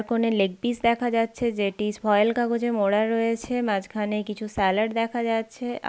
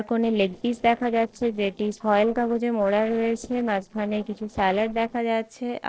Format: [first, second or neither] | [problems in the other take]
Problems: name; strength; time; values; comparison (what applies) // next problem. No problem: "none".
first | noise reduction (neural separator model SepFormer DNS4)